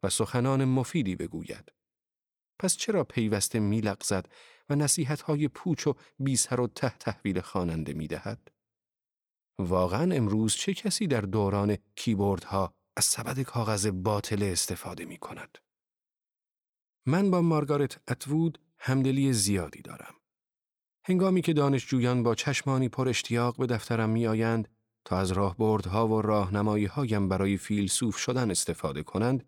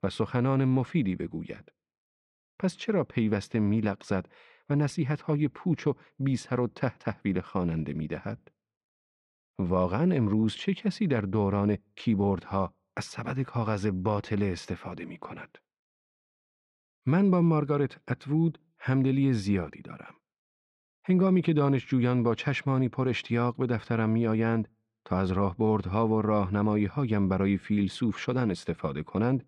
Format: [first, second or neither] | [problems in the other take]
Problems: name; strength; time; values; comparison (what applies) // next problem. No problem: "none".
first | muffled; slightly; fading above 2.5 kHz